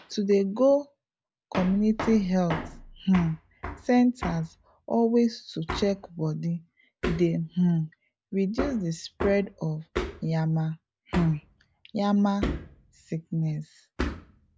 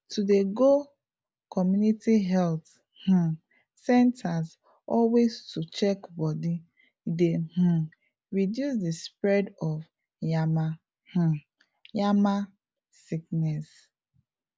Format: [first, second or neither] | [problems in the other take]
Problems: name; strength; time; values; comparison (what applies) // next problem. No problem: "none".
second | background sound (Hammer); 11 dB below the speech